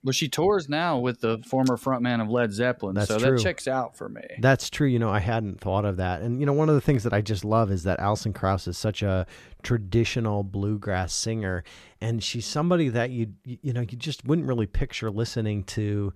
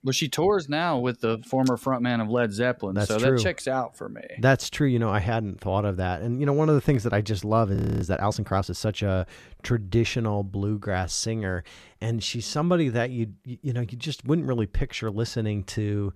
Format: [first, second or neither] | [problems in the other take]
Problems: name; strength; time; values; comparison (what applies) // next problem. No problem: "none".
first | audio freezing; at 8 s